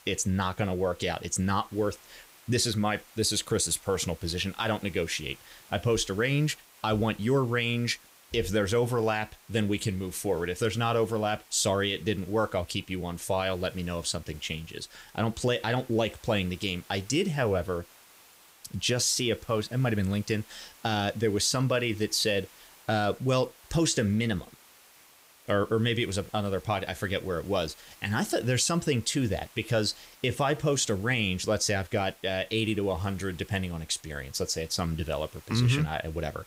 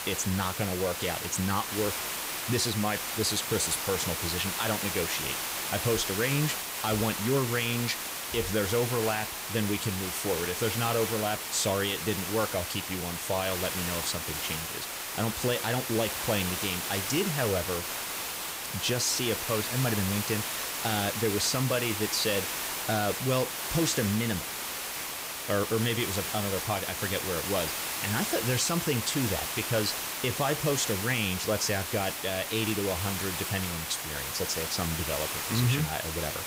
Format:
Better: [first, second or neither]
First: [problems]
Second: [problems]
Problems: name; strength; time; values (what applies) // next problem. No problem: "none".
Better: first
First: hiss; faint; throughout; 25 dB below the speech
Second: hiss; loud; throughout; 2 dB below the speech